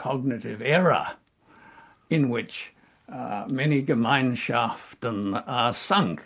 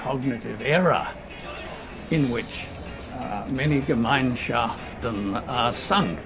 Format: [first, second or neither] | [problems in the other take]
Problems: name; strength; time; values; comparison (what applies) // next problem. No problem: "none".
first | background sound (Crowd); 11 dB below the speech